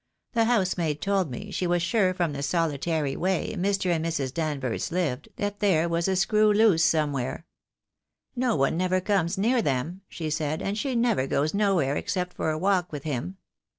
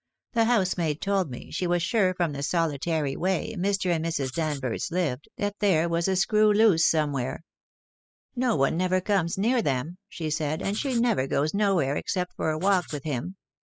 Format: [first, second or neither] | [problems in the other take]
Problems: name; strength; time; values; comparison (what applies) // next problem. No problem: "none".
first | noise reduction (classical method spectral subtraction)